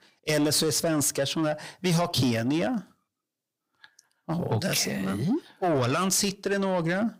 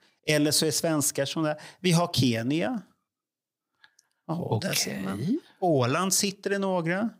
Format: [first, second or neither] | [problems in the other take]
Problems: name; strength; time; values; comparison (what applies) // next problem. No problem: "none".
second | distortion; slight; 10 dB below the speech